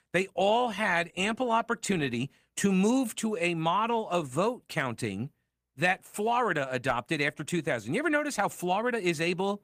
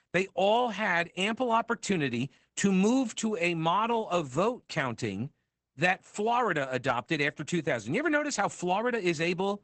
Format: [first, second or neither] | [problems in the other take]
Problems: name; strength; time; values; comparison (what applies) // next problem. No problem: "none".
first | garbled, watery; badly; nothing above 8 kHz; slightly in the first